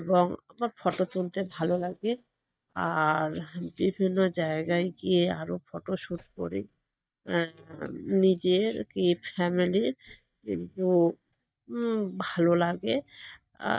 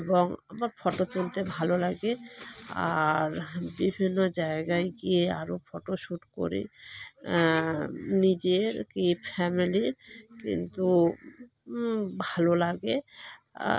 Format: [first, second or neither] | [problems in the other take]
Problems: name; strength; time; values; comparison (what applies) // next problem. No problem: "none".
second | noise reduction (neural mask model DeepFilterNet 3)